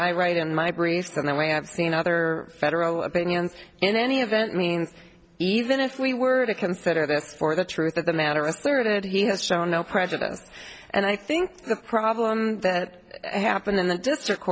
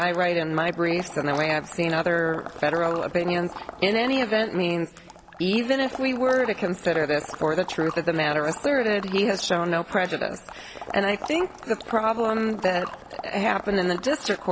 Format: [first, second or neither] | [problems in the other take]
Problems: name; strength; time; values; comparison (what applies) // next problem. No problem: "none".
first | background sound (Water / Liquid); 14 dB below the speech